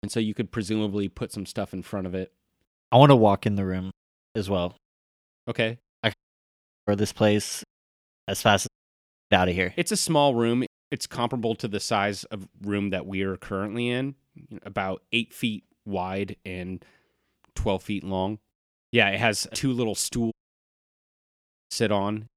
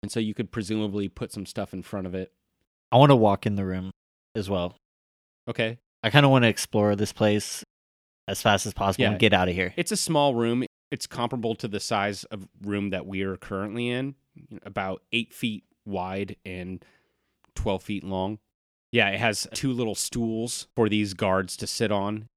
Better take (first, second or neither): second